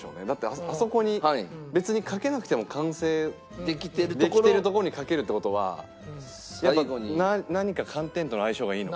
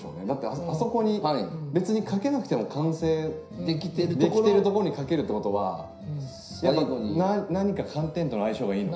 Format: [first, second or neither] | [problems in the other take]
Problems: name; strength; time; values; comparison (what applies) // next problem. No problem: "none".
first | room echo; dies away in 0.5 s